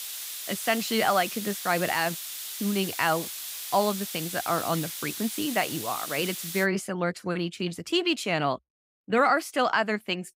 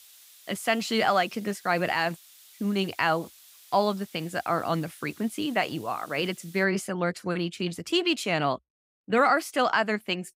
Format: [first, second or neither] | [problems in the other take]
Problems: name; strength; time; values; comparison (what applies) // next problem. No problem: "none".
second | hiss; loud; until 6.5 s; 6 dB below the speech; faint in the second